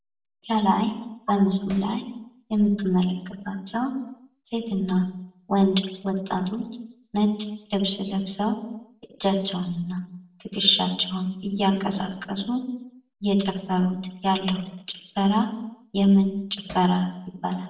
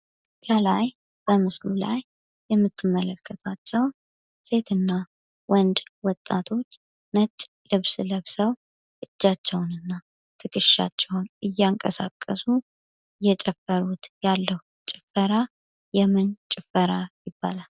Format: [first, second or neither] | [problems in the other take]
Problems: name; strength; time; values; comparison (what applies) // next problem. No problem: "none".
second | noise reduction (neural separator model SepFormer DNS4)